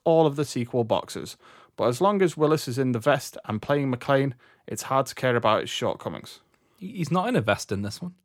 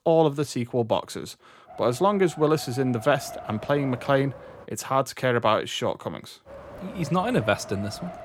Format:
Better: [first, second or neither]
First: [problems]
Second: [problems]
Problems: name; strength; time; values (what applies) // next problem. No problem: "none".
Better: first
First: none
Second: wind noise on the microphone; occasional gusts; from 1.5 to 4.5 s and from 6.5 s on; 15 dB below the speech